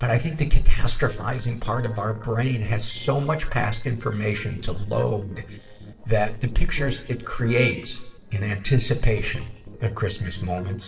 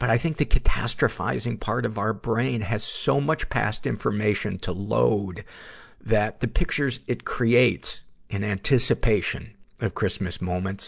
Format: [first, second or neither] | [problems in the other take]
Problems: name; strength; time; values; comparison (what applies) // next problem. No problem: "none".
second | noise reduction (neural separator model SepFormer DNS4)